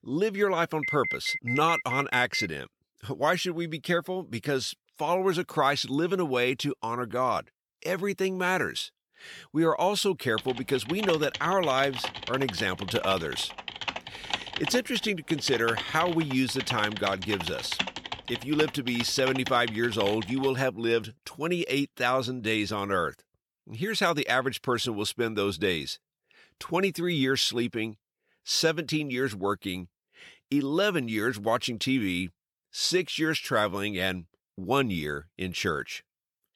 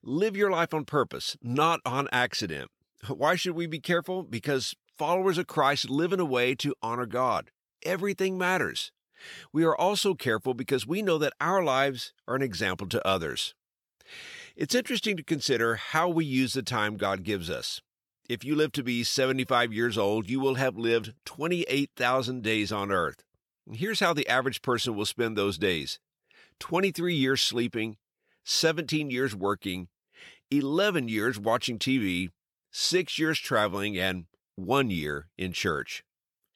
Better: second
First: alarm; noticeable; from 1 to 2.5 s; peak 2 dB below the speech // keyboard typing; noticeable; from 10 to 20 s; peak 3 dB below the speech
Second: none

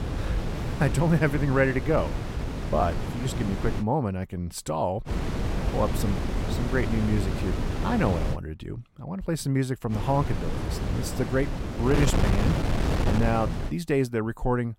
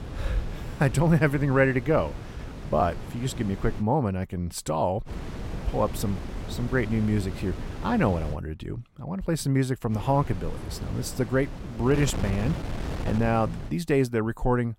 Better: second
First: wind noise on the microphone; heavy; until 4 s, from 5 to 8.5 s and from 10 to 14 s; 5 dB below the speech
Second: wind noise on the microphone; occasional gusts; until 4 s, from 5 to 8.5 s and from 10 to 14 s; 15 dB below the speech

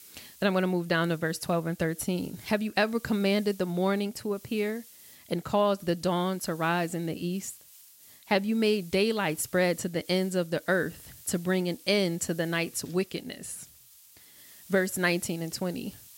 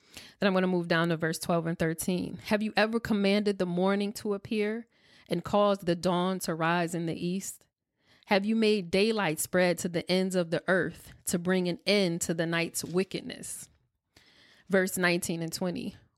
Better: second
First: hiss; faint; throughout; 20 dB below the speech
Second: none

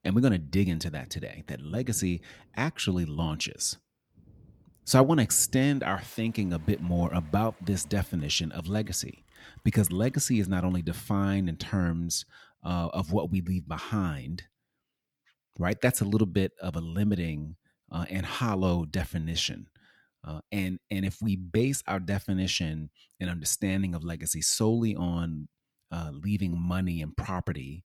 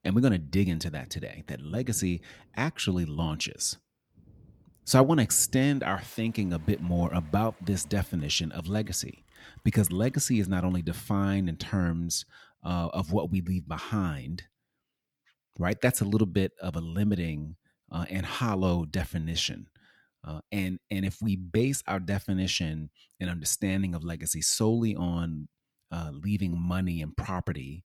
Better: neither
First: rain or running water; faint; until 11 s; 25 dB below the speech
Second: rain or running water; faint; until 11 s; 25 dB below the speech

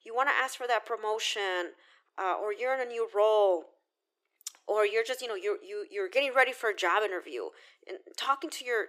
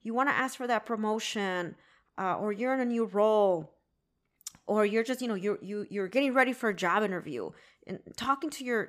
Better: second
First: thin; very; fading below 350 Hz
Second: none

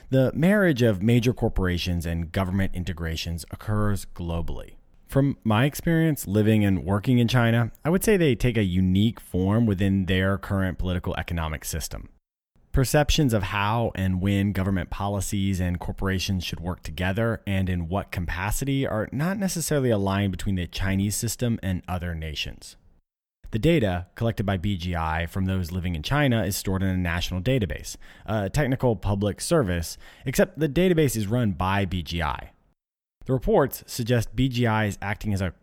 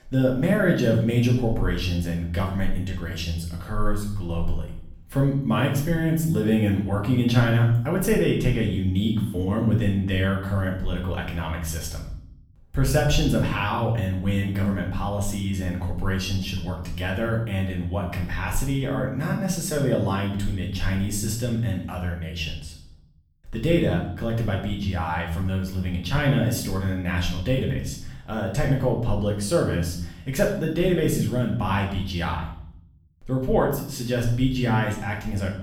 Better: first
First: none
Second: room echo; noticeable; dies away in 0.7 s // off-mic speech; far

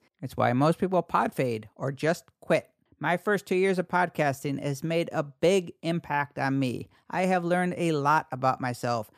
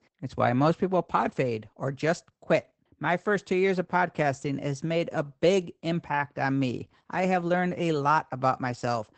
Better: first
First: none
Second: garbled, watery; badly; nothing above 8 kHz

